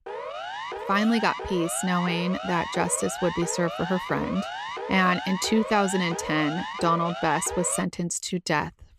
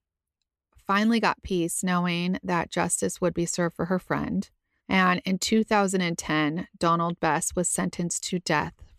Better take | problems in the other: second | siren; noticeable; until 8 s; peak 7 dB below the speech

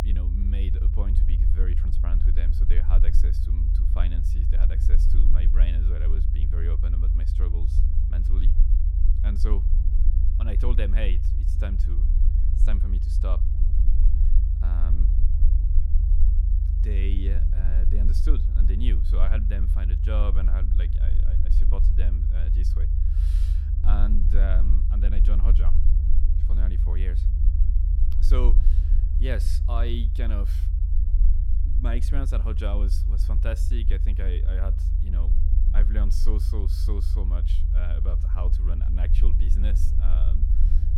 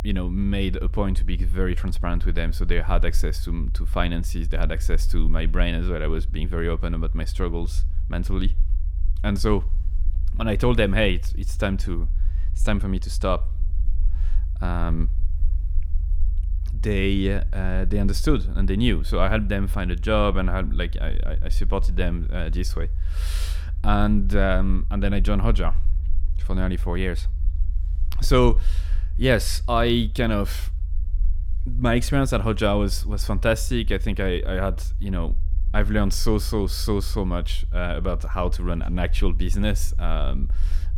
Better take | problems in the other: second | low rumble; loud; throughout; 4 dB below the speech; faint in the second

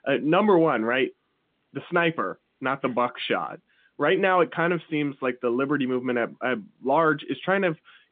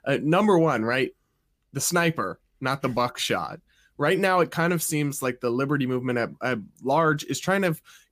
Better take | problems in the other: second | phone-call audio

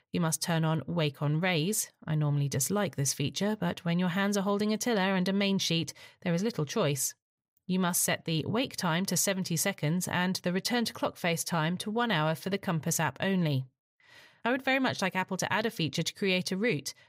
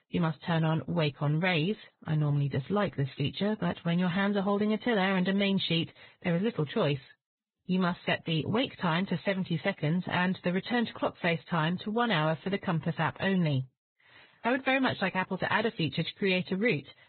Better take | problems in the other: first | garbled, watery; badly; nothing above 4 kHz

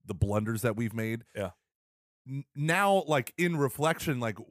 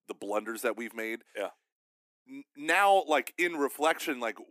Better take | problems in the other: first | thin; somewhat; fading below 300 Hz

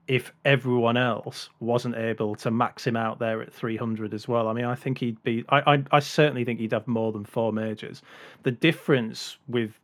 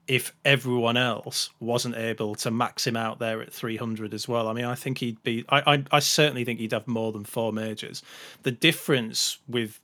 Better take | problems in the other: second | muffled; slightly; fading above 3 kHz

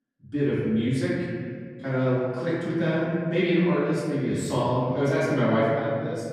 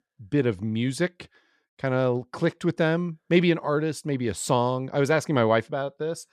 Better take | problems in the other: second | off-mic speech; far // room echo; strong; dies away in 2.1 s

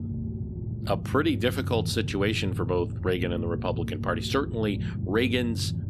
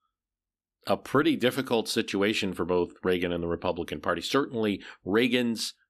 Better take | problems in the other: second | low rumble; noticeable; throughout; 15 dB below the speech

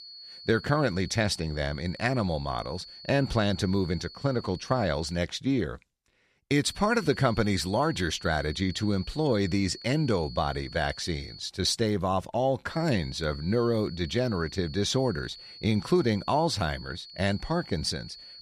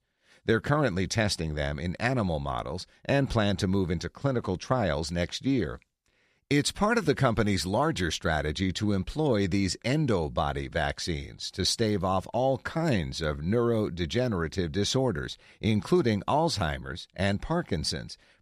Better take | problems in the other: second | high-pitched whine; noticeable; until 5 s, from 6.5 to 11 s and from 13 s on; 4.5 kHz, 15 dB below the speech

